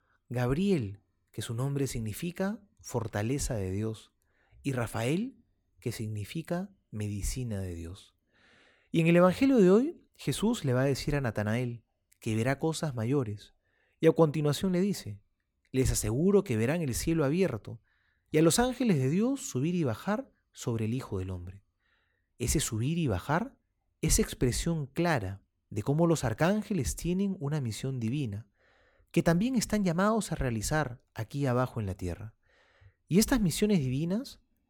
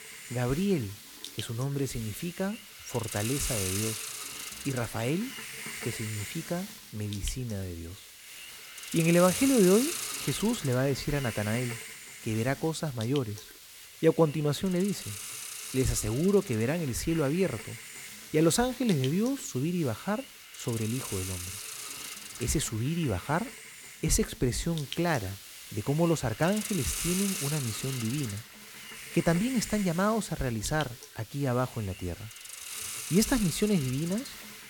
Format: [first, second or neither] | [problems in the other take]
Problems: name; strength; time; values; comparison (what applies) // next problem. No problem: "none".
first | hiss; loud; throughout; 8 dB below the speech